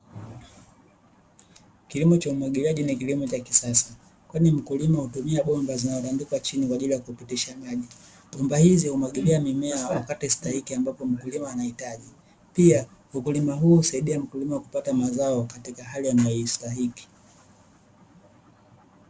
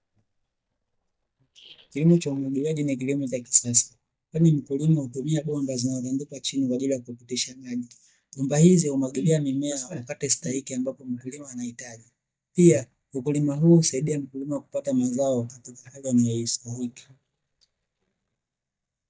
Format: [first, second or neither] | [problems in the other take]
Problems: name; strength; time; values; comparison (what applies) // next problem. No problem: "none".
first | noise reduction (neural mask model DeepFilterNet 3)